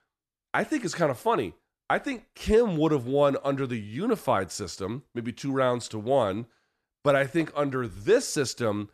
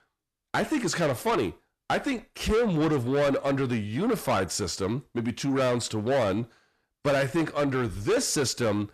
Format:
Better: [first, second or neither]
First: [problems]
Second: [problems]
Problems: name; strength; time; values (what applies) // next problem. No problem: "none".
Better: first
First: none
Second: distortion; heavy; 7 dB below the speech